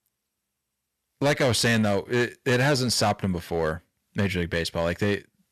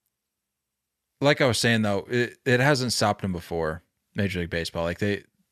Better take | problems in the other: second | distortion; slight; 8% of the sound clipped

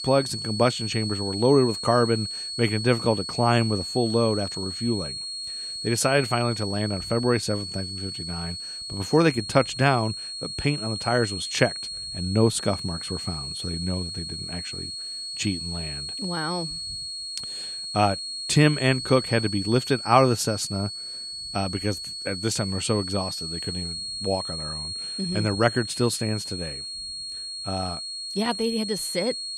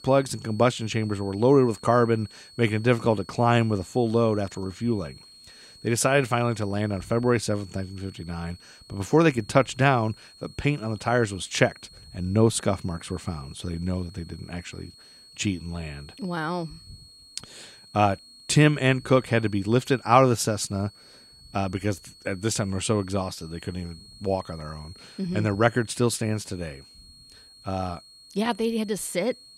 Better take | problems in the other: second | high-pitched whine; loud; throughout; 4.5 kHz, 6 dB below the speech; faint in the second

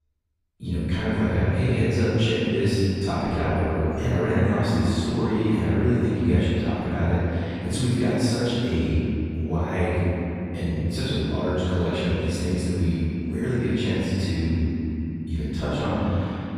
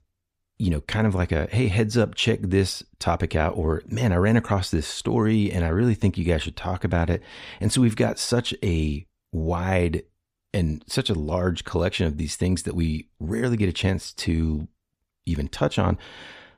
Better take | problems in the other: second | off-mic speech; far // room echo; strong; dies away in 3 s

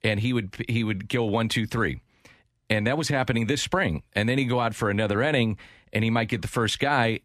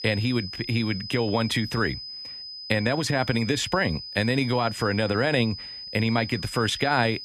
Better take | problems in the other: first | high-pitched whine; loud; throughout; 5 kHz, 10 dB below the speech

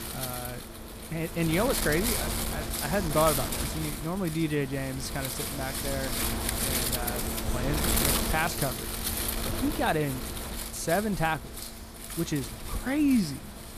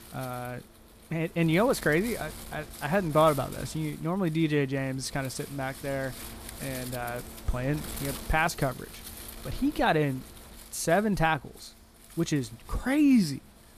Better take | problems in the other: second | wind noise on the microphone; heavy; 3 dB below the speech; occasional gusts in the second

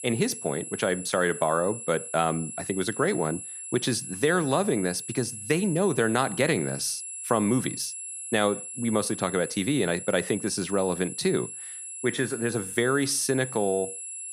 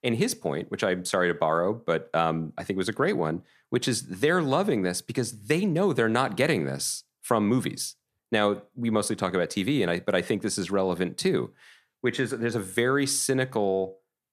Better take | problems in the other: second | high-pitched whine; loud; throughout; 10.5 kHz, 8 dB below the speech

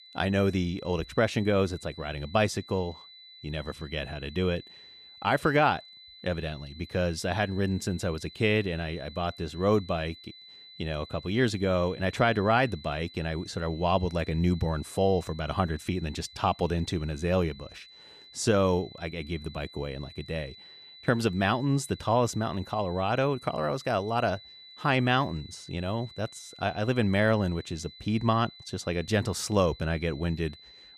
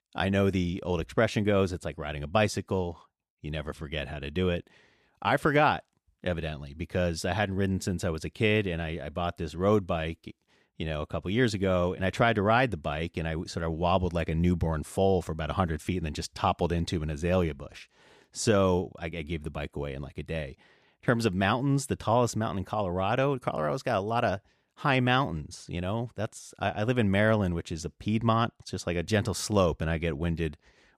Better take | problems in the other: second | high-pitched whine; noticeable; throughout; 4 kHz, 20 dB below the speech

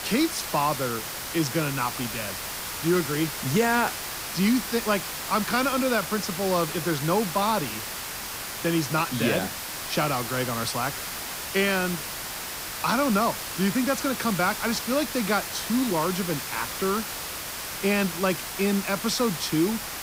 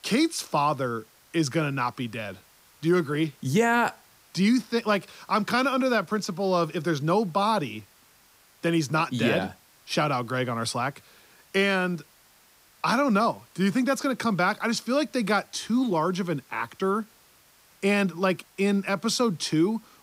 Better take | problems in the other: second | hiss; loud; throughout; 5 dB below the speech; faint in the second

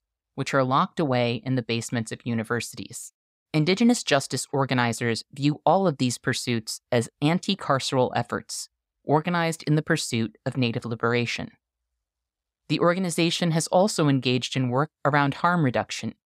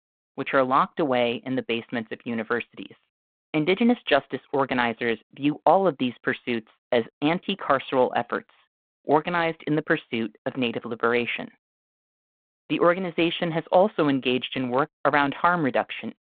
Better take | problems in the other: first | phone-call audio

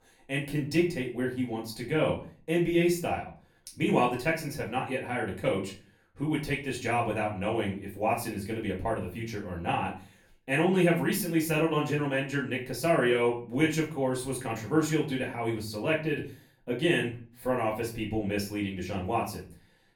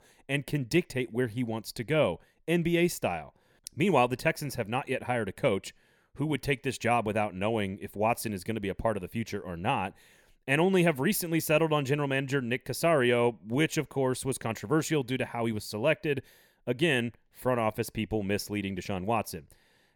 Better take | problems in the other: second | off-mic speech; far // room echo; slight; dies away in 0.3 s

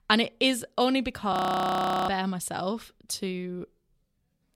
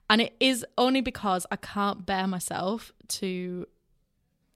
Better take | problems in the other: second | audio freezing; at 1.5 s for 1 s

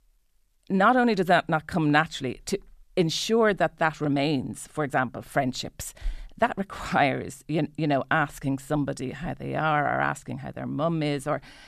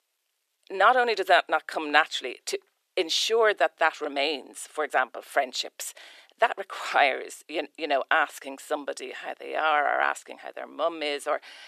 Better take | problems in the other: first | thin; very; fading below 400 Hz

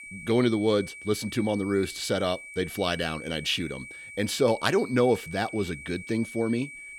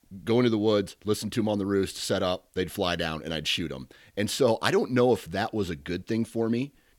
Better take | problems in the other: second | high-pitched whine; noticeable; throughout; 2.5 kHz, 15 dB below the speech

